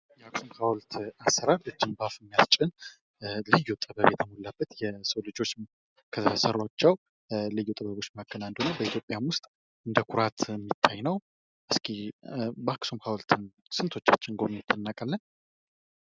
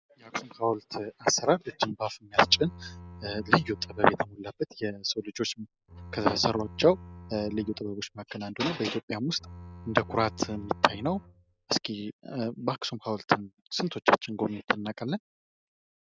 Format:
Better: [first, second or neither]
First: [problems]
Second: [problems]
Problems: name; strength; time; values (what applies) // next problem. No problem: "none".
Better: first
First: none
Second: background sound (Bowed string instrument); 17 dB below the speech